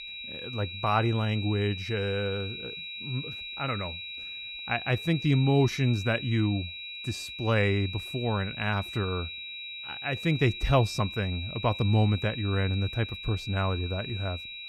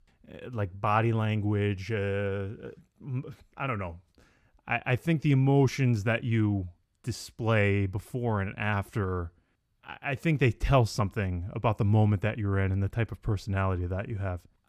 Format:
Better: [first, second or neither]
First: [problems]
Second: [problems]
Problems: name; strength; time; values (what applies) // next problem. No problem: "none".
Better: second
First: high-pitched whine; loud; throughout; 4 kHz, 8 dB below the speech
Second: none